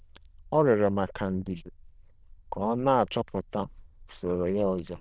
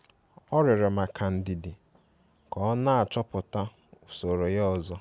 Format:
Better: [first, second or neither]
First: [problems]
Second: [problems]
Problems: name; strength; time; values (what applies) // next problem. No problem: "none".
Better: second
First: noise reduction (neural diffusion model UNIVERSE++)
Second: none